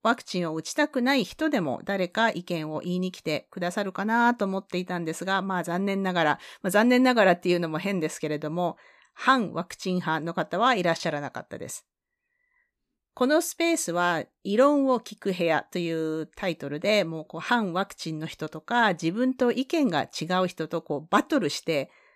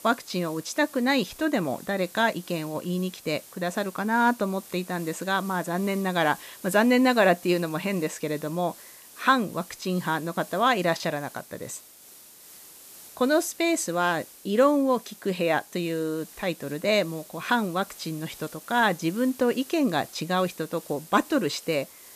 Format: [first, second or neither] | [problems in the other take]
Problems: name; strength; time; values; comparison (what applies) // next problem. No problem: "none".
first | hiss; noticeable; throughout; 20 dB below the speech